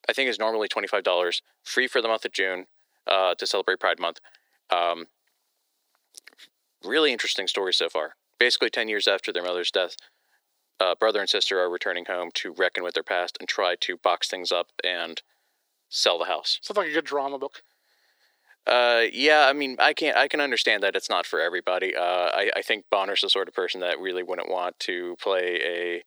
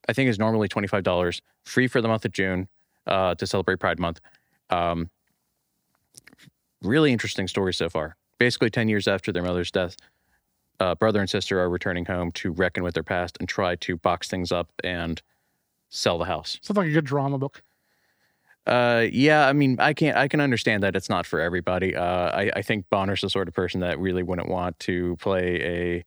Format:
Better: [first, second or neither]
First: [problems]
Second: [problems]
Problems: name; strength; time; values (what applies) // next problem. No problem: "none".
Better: second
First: thin; very; fading below 400 Hz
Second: none